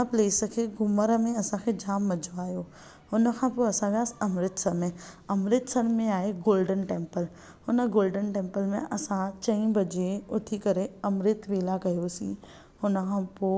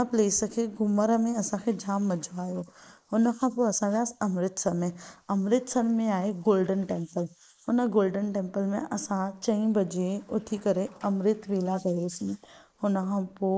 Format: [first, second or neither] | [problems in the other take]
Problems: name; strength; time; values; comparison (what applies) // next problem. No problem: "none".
first | noise reduction (neural mask model Resemble Enhance denoiser)